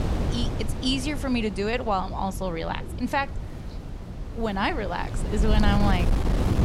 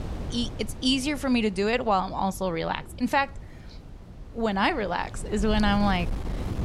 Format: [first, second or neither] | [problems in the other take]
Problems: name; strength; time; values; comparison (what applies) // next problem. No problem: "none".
second | wind noise on the microphone; heavy; 9 dB below the speech; occasional gusts in the second